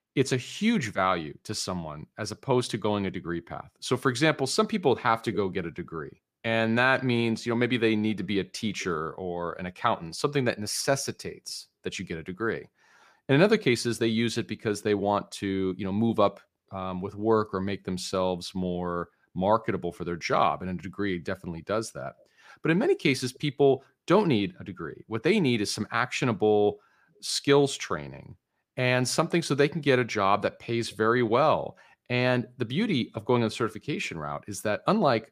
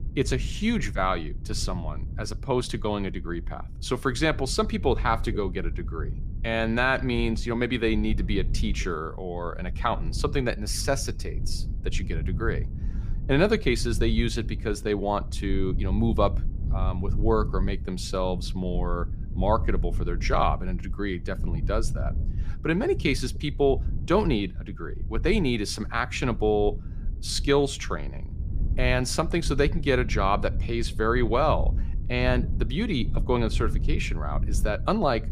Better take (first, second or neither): first